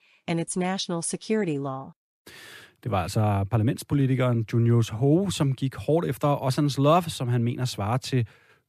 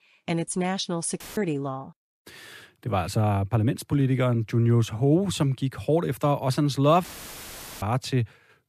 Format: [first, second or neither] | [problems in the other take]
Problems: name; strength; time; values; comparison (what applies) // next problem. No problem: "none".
first | audio cutting out; filled with static; at 1 s and at 7 s for 1 s